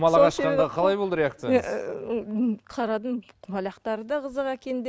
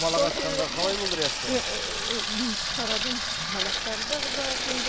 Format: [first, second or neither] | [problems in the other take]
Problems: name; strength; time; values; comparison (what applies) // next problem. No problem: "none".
first | background sound (Sink (filling or washing) / Water tap, faucet); 2 dB above the speech